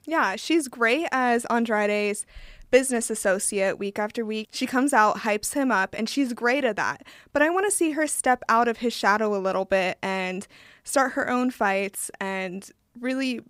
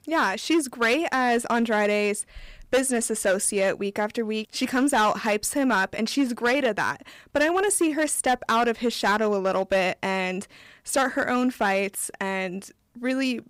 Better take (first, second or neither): first